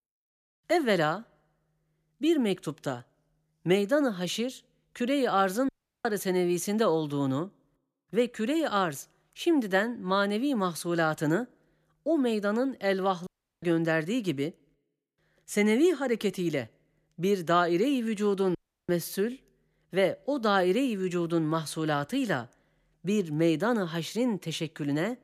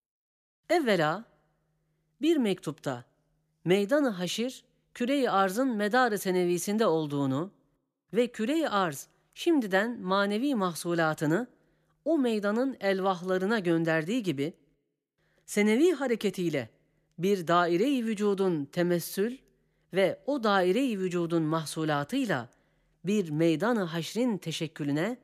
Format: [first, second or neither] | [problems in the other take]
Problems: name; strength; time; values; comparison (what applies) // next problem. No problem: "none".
second | audio cutting out; at 5.5 s, at 13 s and at 19 s